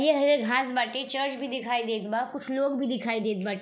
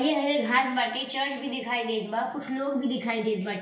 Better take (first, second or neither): first